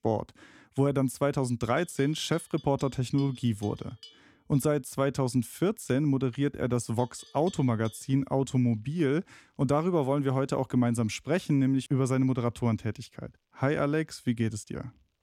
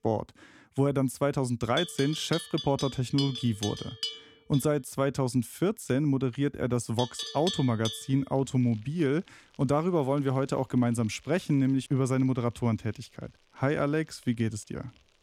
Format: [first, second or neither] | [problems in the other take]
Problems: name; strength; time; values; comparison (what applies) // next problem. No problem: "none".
first | animal sounds; loud; throughout; 8 dB below the speech; faint in the first